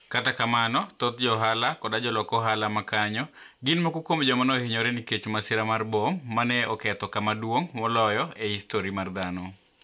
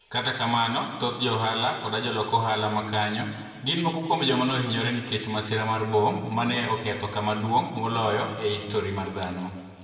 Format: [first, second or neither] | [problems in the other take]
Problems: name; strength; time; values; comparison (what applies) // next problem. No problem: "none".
first | room echo; dies away in 1.6 s